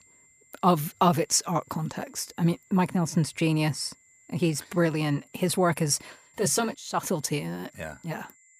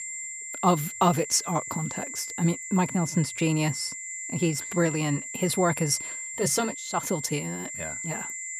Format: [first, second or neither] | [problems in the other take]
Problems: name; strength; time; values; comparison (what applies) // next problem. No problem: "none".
first | high-pitched whine; loud; throughout; 7.5 kHz, 7 dB below the speech; faint in the first